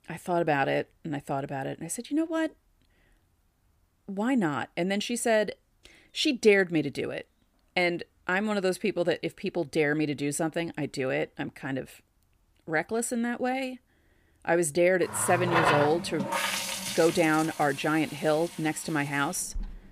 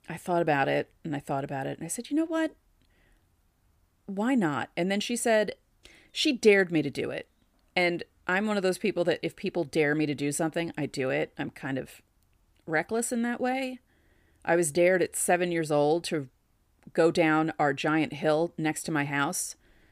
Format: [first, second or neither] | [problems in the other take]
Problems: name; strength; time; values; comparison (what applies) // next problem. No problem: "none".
second | household noises; loud; from 15 s on; 2 dB below the speech